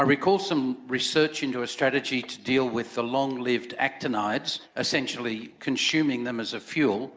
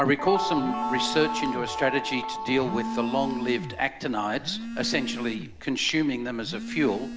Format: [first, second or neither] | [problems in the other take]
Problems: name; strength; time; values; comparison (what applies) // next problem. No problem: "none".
first | background sound (Guitar + Telephone); 5 dB below the speech